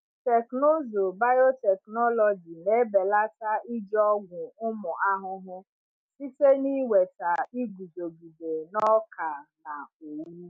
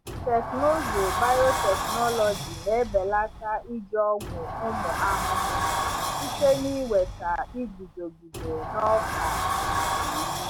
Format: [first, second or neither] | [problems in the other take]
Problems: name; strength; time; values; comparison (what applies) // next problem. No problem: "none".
first | background sound (Sliding door); 2 dB below the speech